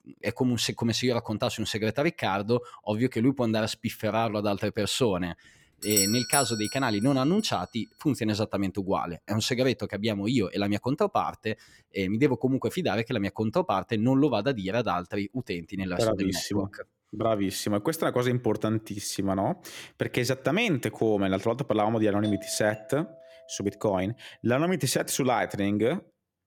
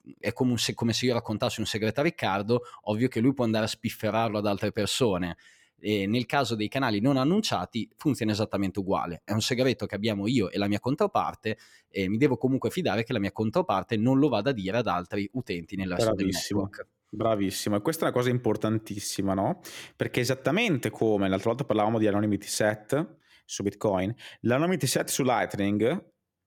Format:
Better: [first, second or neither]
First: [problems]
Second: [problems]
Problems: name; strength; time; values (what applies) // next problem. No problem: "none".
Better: second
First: doorbell; loud; at 6 s; peak 3 dB above the speech // doorbell; faint; from 22 to 24 s; peak 15 dB below the speech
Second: none